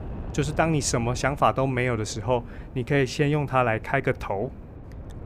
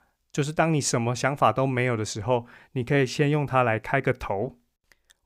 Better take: second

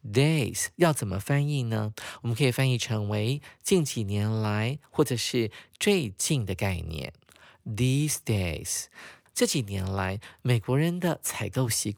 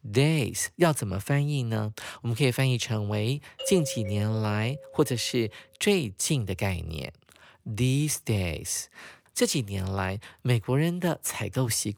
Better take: first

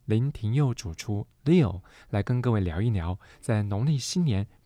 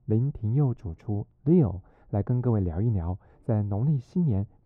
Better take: first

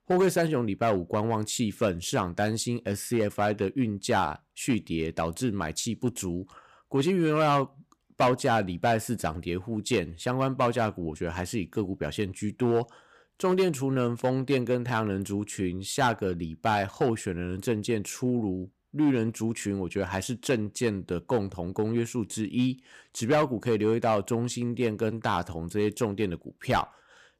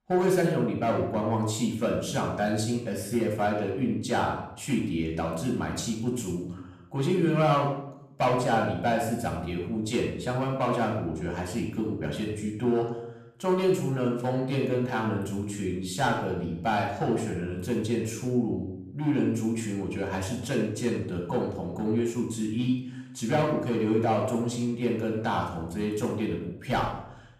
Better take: first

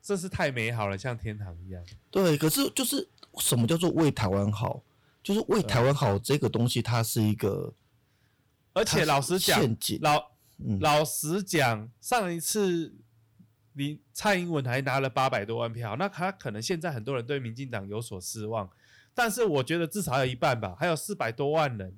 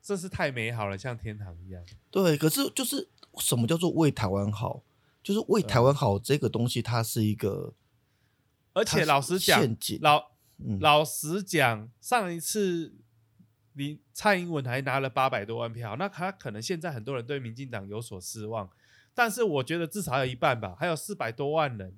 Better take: second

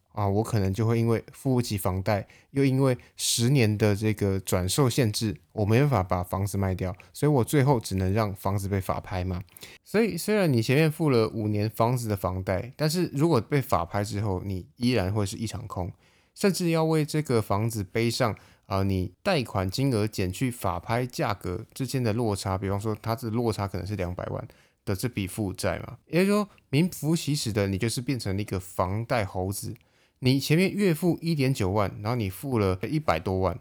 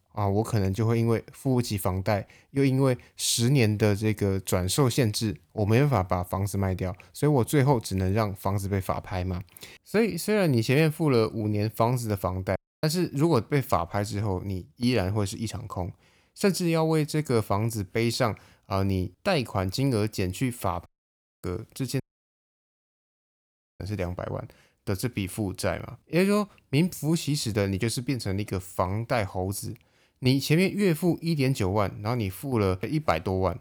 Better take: first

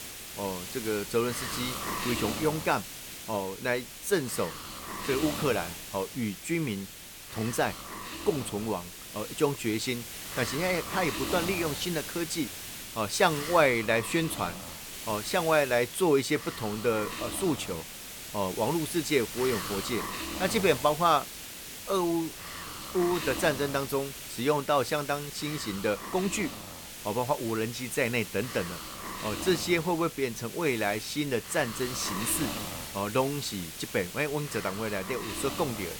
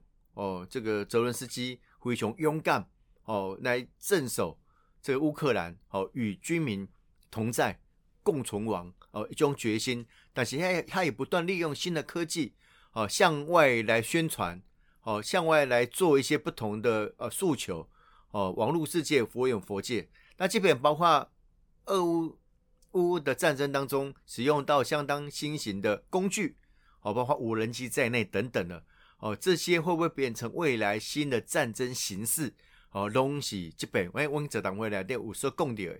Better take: second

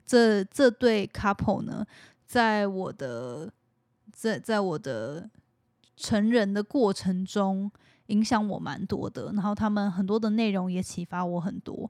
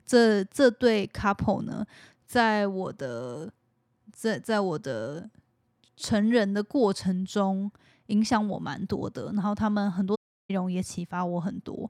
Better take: first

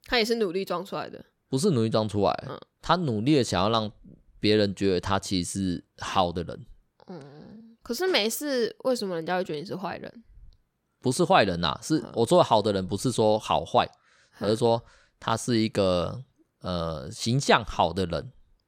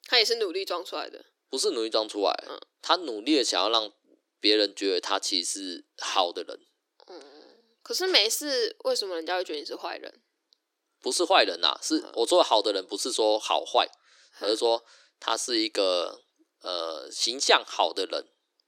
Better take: first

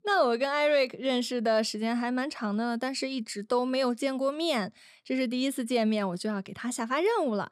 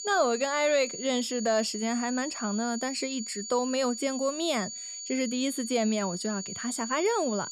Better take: first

